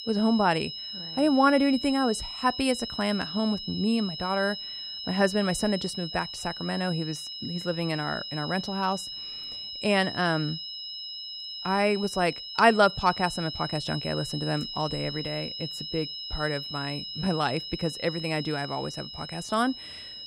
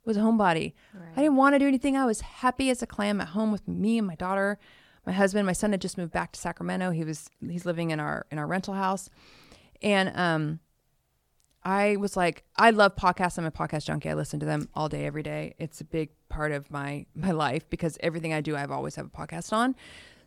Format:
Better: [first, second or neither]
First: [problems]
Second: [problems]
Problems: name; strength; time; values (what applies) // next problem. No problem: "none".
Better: second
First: high-pitched whine; loud; throughout; 5 kHz, 7 dB below the speech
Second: none